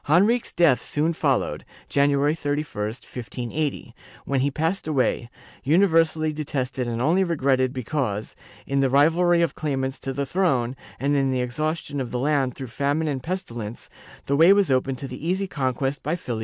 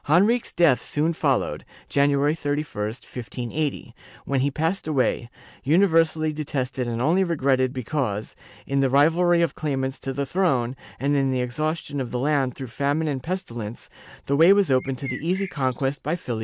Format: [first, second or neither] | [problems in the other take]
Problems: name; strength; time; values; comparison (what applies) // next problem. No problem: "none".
first | background sound (Bird); 16 dB below the speech